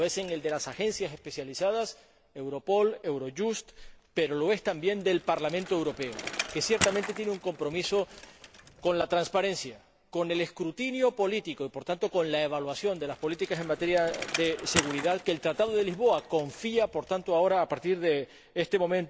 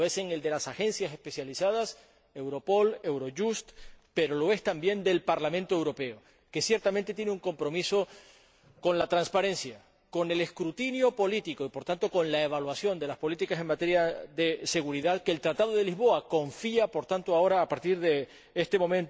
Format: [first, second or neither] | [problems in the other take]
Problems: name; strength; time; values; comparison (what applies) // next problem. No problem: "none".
second | background sound (Bicycle); 13 dB below the speech